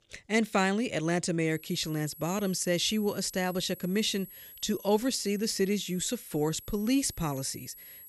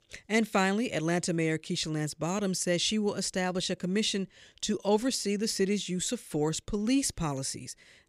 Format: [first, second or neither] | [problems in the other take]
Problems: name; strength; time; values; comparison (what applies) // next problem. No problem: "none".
second | high-pitched whine; noticeable; from 1.5 s on; 11.5 kHz, 15 dB below the speech